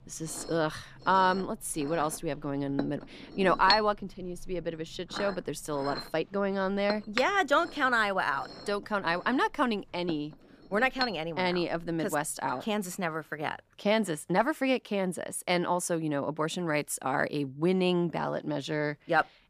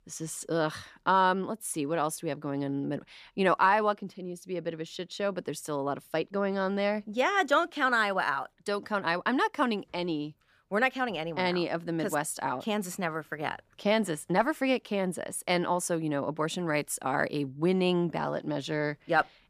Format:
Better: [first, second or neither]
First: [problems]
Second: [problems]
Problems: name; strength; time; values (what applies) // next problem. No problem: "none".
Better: second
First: household noises; loud; until 13 s; 9 dB below the speech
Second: none